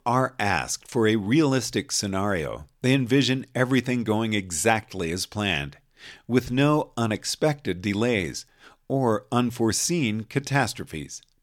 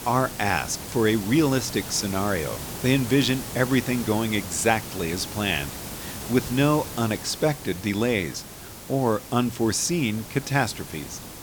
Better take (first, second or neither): first